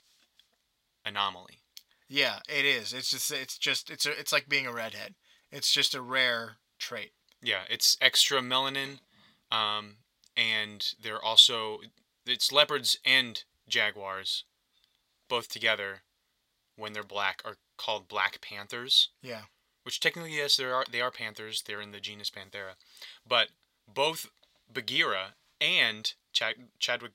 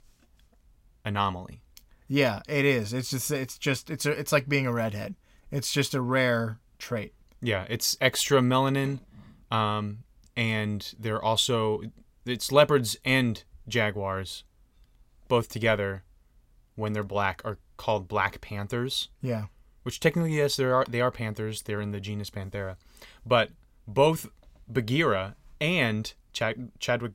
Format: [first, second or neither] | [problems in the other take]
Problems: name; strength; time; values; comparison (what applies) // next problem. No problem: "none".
second | thin; somewhat; fading below 1 kHz